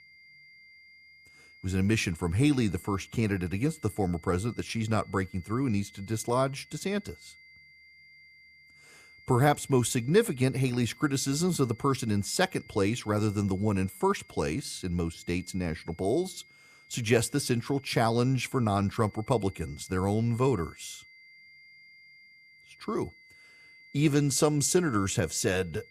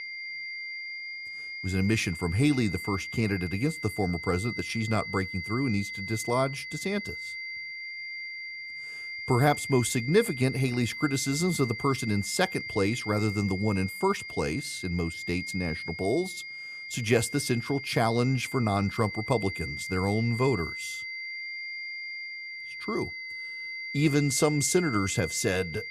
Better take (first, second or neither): first